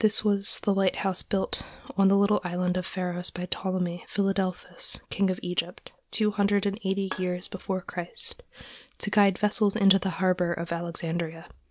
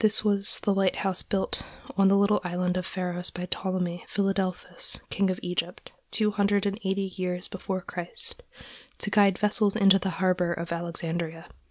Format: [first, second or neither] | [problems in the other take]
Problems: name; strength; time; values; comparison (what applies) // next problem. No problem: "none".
second | noise reduction (neural separator model SepFormer DNS4)